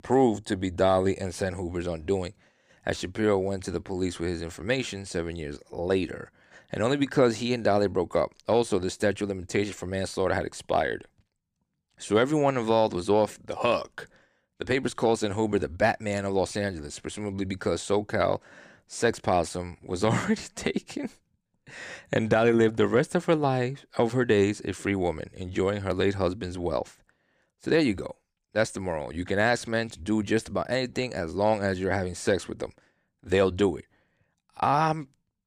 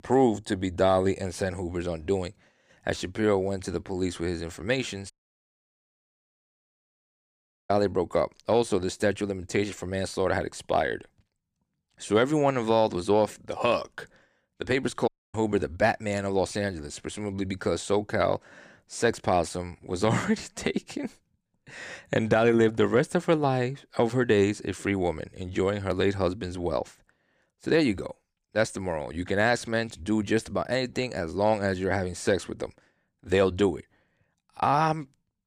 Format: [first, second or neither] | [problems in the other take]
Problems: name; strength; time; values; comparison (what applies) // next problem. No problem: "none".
first | audio cutting out; at 5 s for 2.5 s and at 15 s